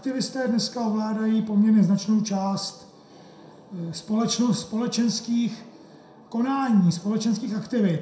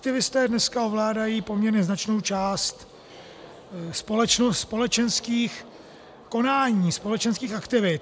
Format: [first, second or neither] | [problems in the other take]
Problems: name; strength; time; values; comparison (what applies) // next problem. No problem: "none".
second | room echo; dies away in 0.5 s